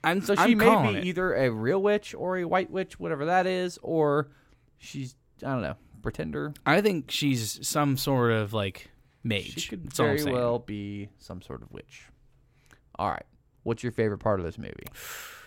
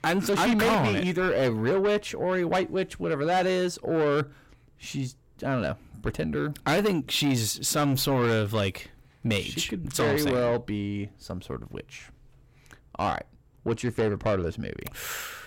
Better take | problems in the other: first | distortion; heavy; 8 dB below the speech

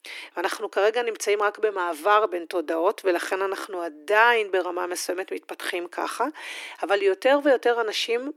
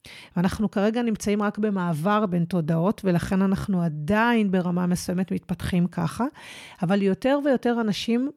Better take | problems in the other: second | thin; very; fading below 300 Hz

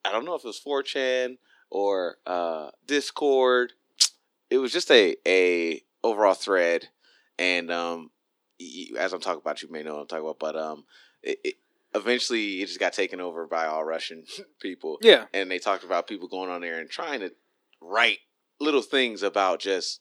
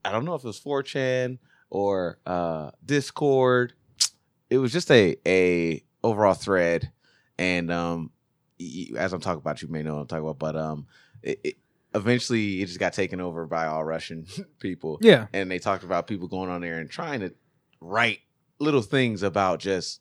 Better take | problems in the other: second | thin; somewhat; fading below 300 Hz

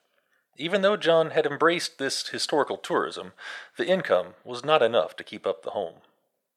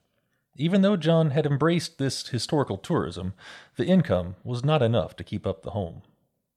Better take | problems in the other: second | thin; very; fading below 450 Hz

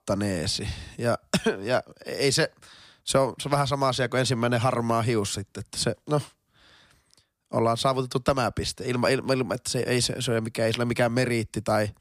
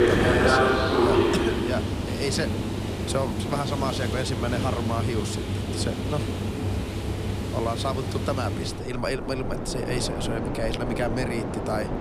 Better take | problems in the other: first | train or aircraft noise; very loud; throughout; 4 dB above the speech

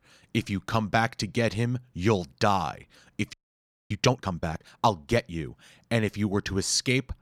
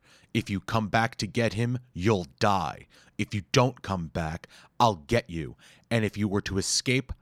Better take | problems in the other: second | audio freezing; at 3.5 s for 0.5 s

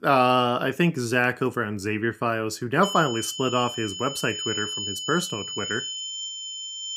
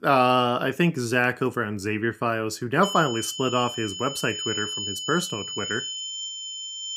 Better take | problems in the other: neither | high-pitched whine; loud; from 3 s on; 3 kHz, 6 dB below the speech; the same in both

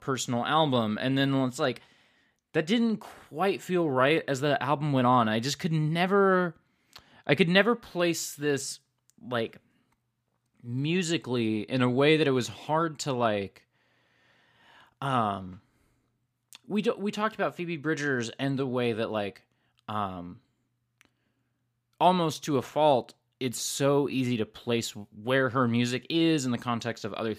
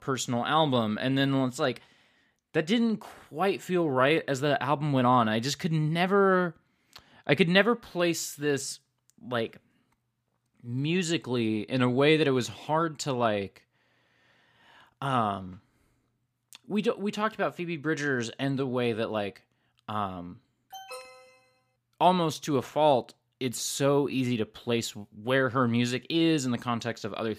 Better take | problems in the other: first | alarm; faint; at 21 s; peak 15 dB below the speech

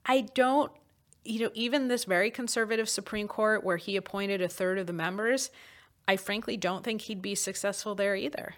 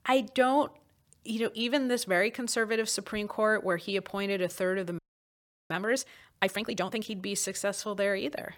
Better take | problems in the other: first | audio freezing; at 5 s for 0.5 s

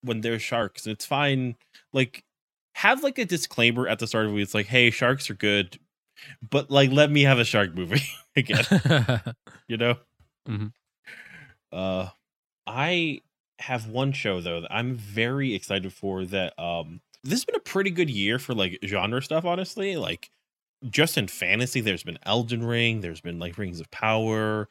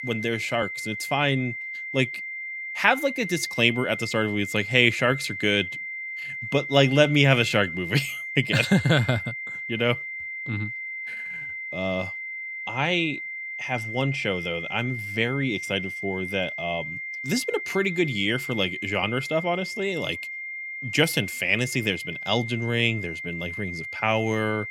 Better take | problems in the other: first | high-pitched whine; loud; throughout; 2 kHz, 7 dB below the speech

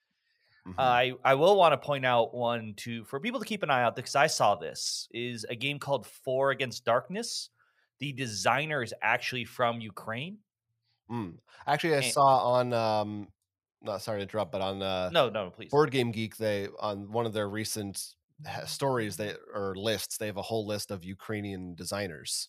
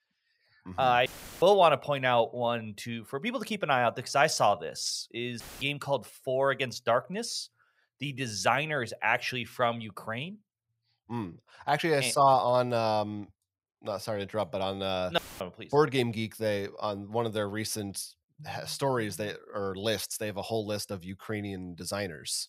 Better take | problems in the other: first | audio cutting out; filled with static; at 1 s, at 5.5 s and at 15 s

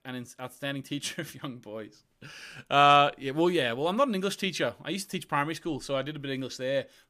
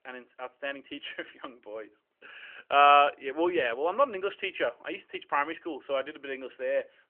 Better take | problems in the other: first | phone-call audio; nothing above 3 kHz

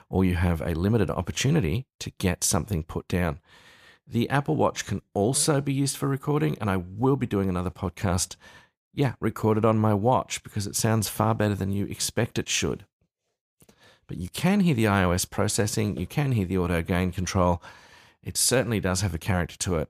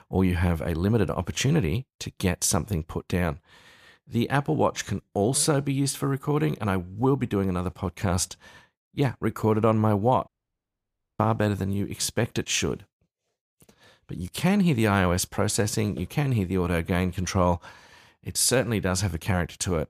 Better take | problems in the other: first | audio cutting out; at 10 s for 1 s

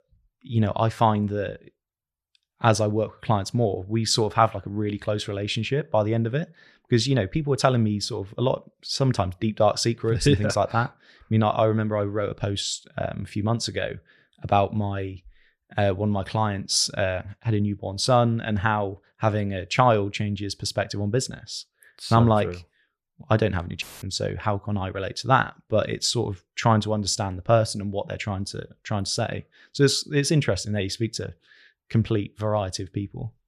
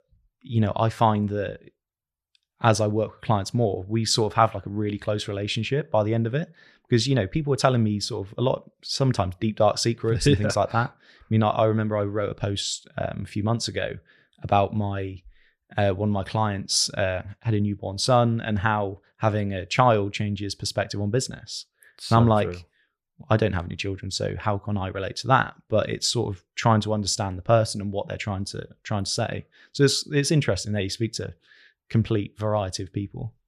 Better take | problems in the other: second | audio cutting out; filled with static; at 24 s

